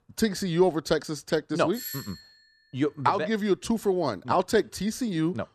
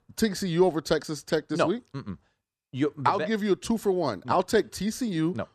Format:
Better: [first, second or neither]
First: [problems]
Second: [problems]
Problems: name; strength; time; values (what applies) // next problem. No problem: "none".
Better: second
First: doorbell; noticeable; at 1.5 s; peak 9 dB below the speech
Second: none